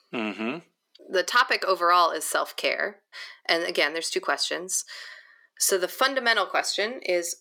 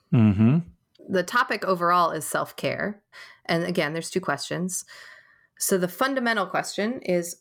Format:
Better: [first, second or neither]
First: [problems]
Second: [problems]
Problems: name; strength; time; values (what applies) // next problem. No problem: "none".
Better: second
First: thin; very; fading below 350 Hz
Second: none